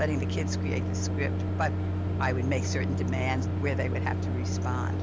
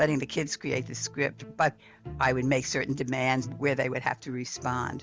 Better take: second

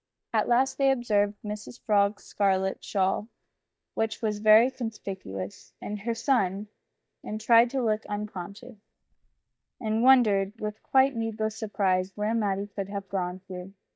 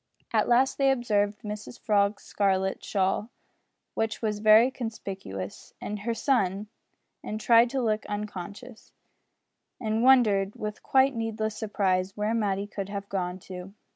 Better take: second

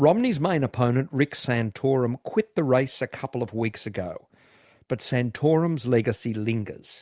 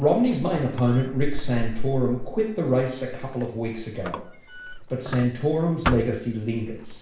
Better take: first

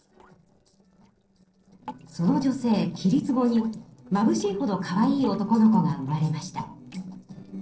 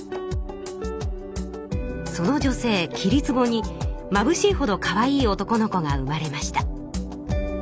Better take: second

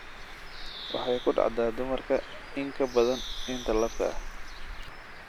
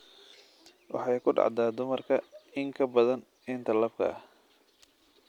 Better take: second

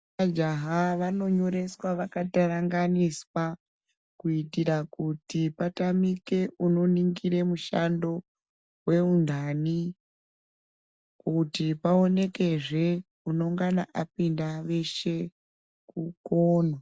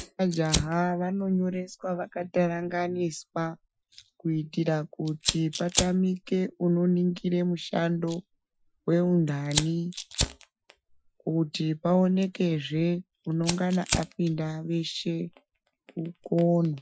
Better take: first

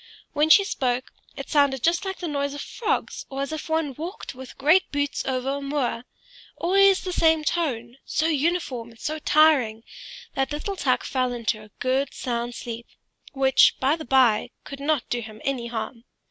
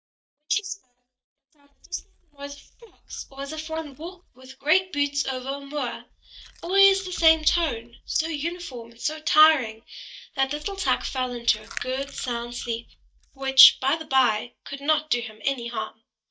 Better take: first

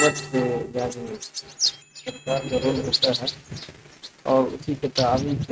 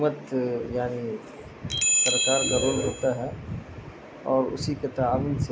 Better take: second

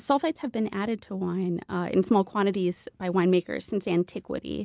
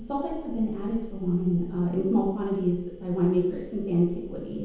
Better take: first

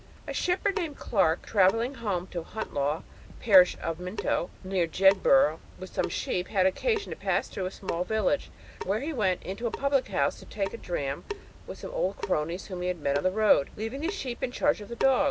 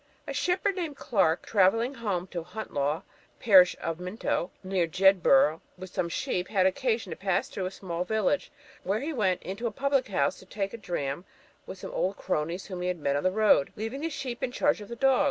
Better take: second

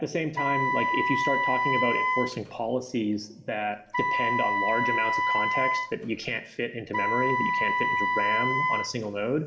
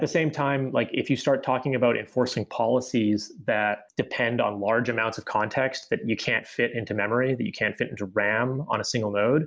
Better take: second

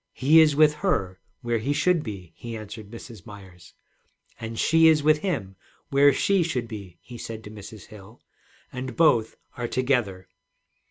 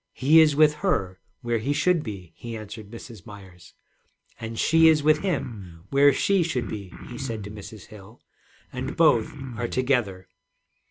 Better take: first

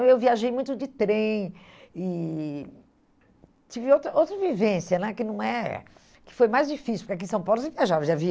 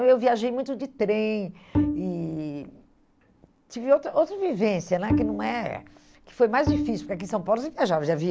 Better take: first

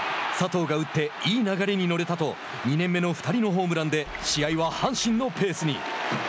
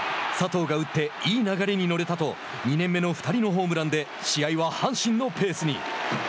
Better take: second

